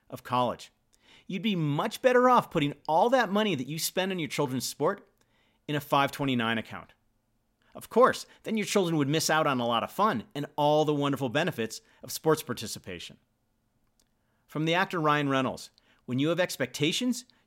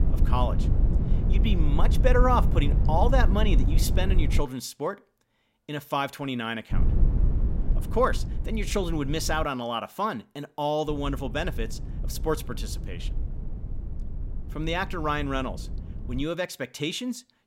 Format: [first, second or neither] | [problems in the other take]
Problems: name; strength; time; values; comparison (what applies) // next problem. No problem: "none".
first | low rumble; noticeable; until 4.5 s, from 6.5 to 9.5 s and from 11 to 16 s; 15 dB below the speech